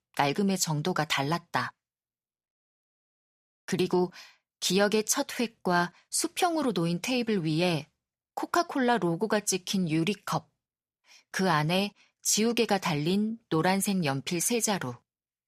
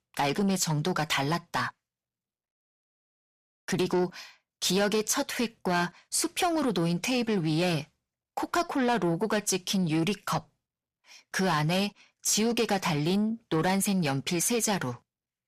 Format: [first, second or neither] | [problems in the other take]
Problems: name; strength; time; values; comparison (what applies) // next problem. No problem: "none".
first | distortion; slight; 10 dB below the speech